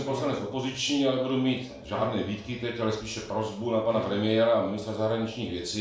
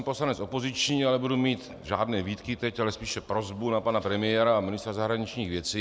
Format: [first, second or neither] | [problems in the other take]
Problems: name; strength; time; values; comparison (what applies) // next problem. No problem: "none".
second | background sound (Bowed string instrument); 16 dB below the speech // room echo; dies away in 0.4 s